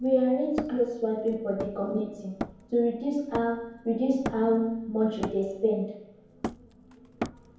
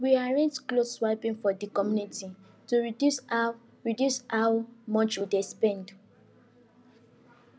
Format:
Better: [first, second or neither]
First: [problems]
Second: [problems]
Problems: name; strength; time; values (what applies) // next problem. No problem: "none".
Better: second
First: background sound (Hammer); 12 dB below the speech // room echo; dies away in 0.9 s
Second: none